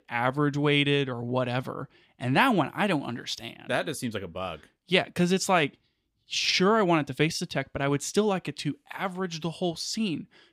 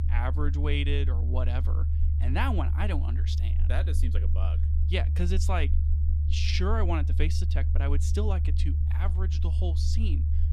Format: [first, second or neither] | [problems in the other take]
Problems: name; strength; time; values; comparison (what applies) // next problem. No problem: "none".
first | low rumble; loud; throughout; 8 dB below the speech